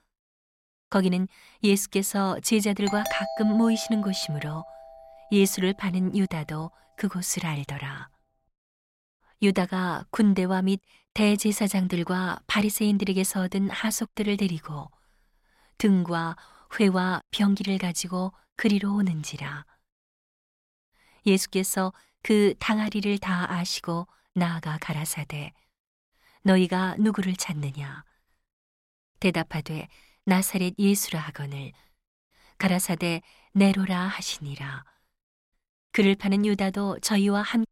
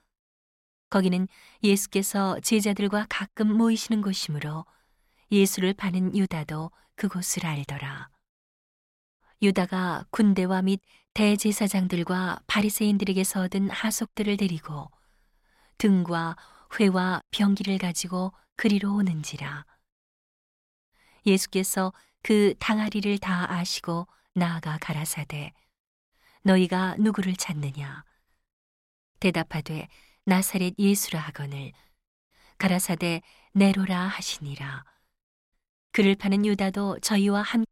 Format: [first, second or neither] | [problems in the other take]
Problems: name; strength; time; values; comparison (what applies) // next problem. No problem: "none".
second | doorbell; noticeable; from 3 to 5 s; peak 6 dB below the speech